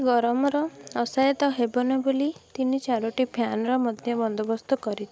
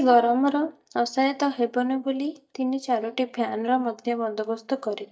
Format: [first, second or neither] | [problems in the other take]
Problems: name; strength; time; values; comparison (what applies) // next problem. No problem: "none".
first | noise reduction (neural mask model DeepFilterNet 3)